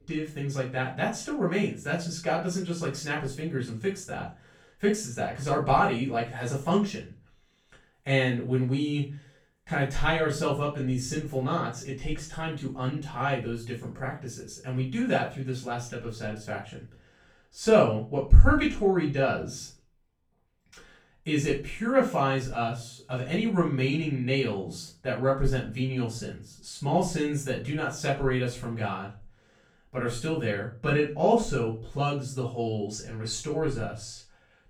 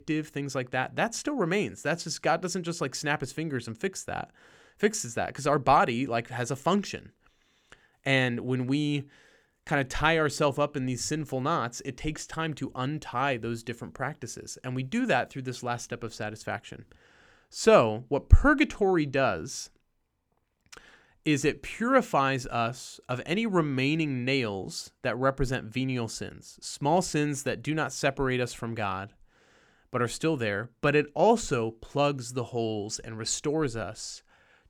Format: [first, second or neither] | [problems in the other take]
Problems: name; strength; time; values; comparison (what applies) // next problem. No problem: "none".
second | off-mic speech; far // room echo; slight; dies away in 0.3 s